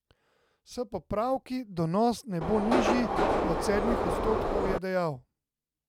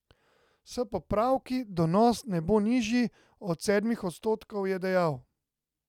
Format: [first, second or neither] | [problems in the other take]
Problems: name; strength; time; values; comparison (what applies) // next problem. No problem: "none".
second | background sound (Subway, metro, underground); 3 dB above the speech